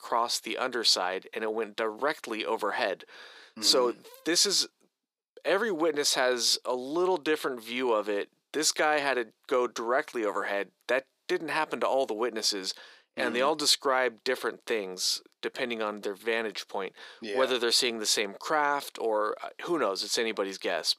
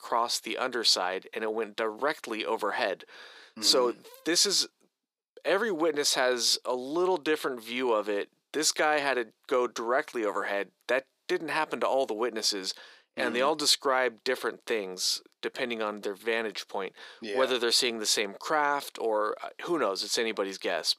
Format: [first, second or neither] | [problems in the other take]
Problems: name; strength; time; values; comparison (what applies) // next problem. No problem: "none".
neither | thin; somewhat; fading below 350 Hz; the same in both